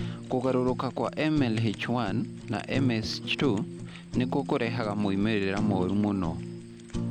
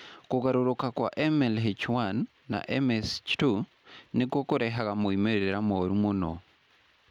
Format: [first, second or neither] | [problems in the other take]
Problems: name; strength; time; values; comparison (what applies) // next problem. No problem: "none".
second | background sound (Fire); 7 dB below the speech